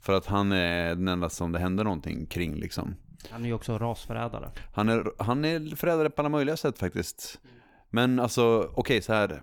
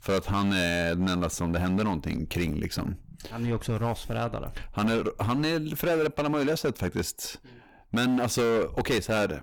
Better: first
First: none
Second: distortion; heavy; 12% of the sound clipped

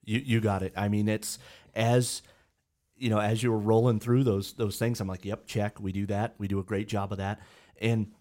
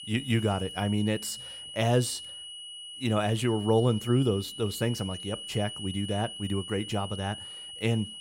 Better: first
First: none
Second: high-pitched whine; loud; throughout; 3 kHz, 10 dB below the speech

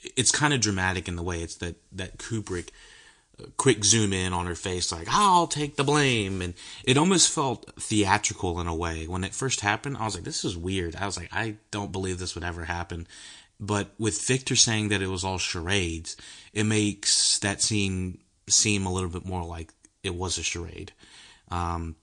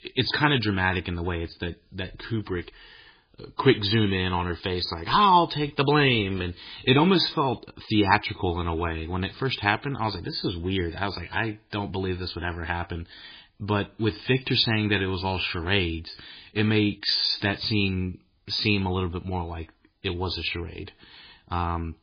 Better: first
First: garbled, watery; slightly; nothing above 9 kHz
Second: garbled, watery; badly; nothing above 4.5 kHz

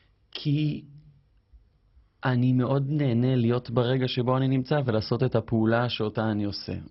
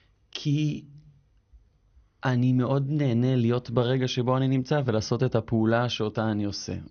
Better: second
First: garbled, watery; badly; nothing above 5.5 kHz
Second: garbled, watery; slightly; nothing above 6.5 kHz

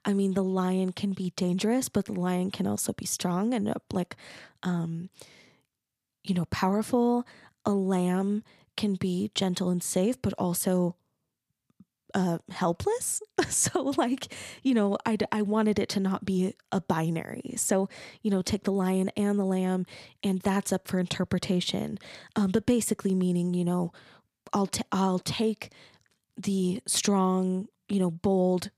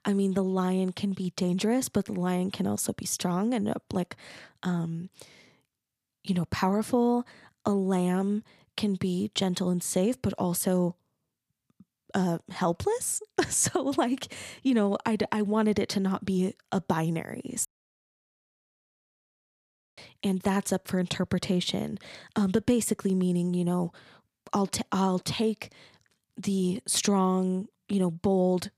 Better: first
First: none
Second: audio cutting out; at 18 s for 2.5 s

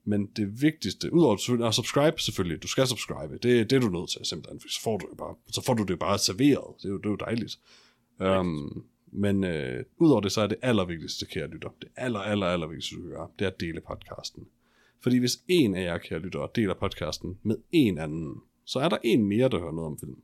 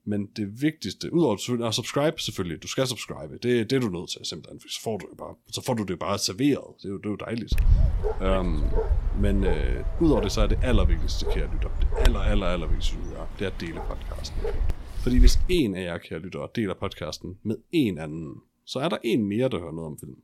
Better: first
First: none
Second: dog barking; loud; from 7.5 to 16 s; peak 5 dB above the speech

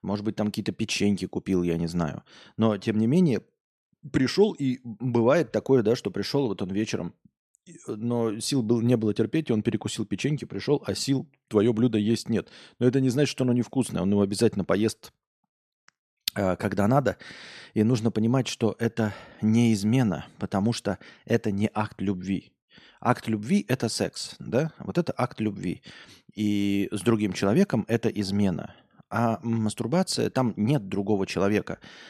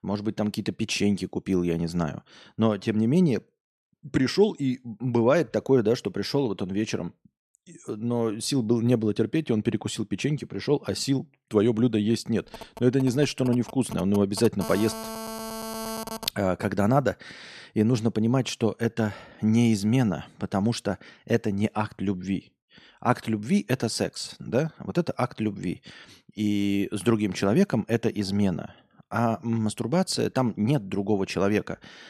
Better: first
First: none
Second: phone ringing; noticeable; from 13 to 16 s; peak 7 dB below the speech

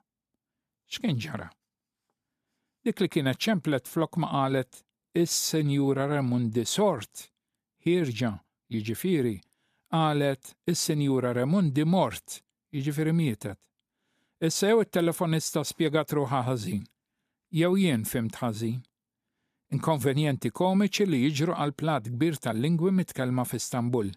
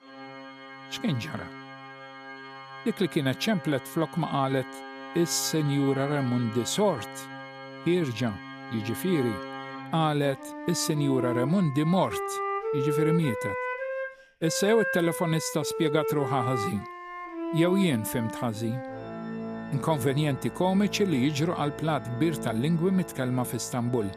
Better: first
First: none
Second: background music; loud; throughout; 8 dB below the speech

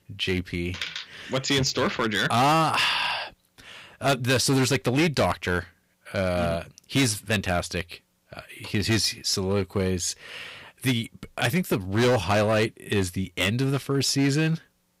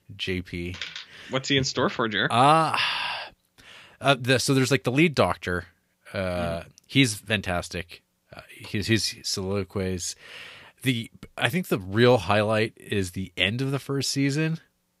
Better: second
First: distortion; heavy; 7% of the sound clipped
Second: none

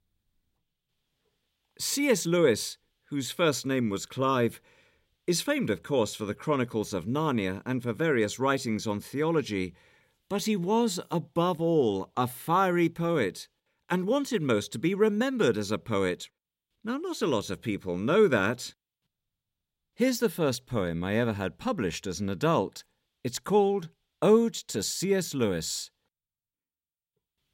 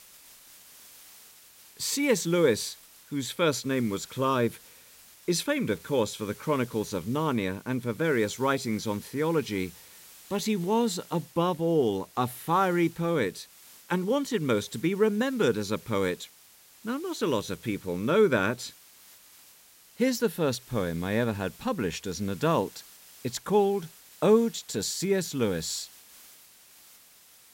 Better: first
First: none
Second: hiss; faint; throughout; 20 dB below the speech

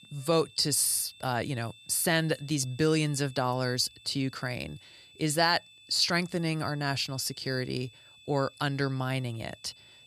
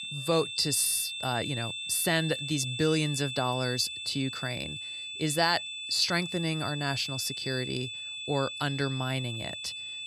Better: first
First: high-pitched whine; faint; throughout; 3.5 kHz, 25 dB below the speech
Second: high-pitched whine; loud; throughout; 3.5 kHz, 6 dB below the speech

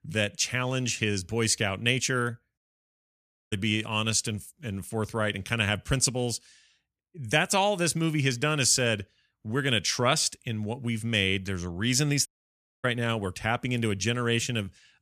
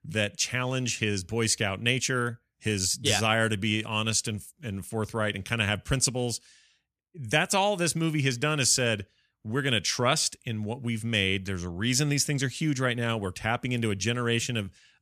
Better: second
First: audio cutting out; at 2.5 s for 1 s and at 12 s for 0.5 s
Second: none

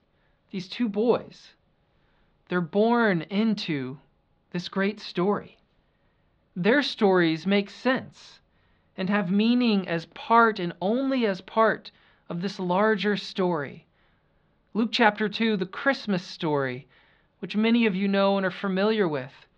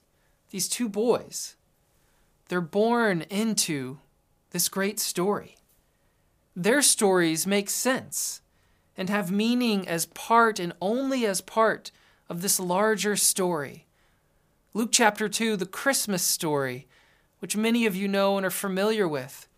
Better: second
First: muffled; slightly; fading above 4 kHz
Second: none

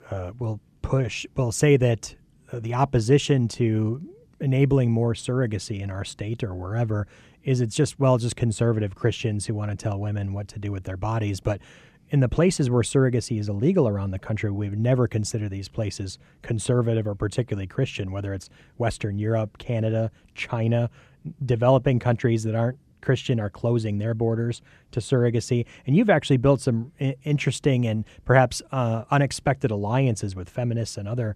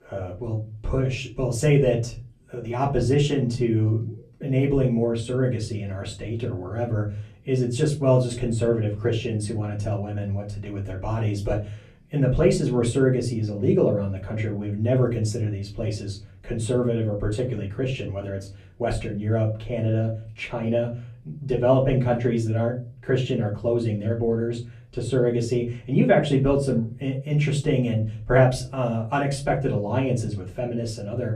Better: first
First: none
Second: off-mic speech; far // room echo; very slight; dies away in 0.3 s

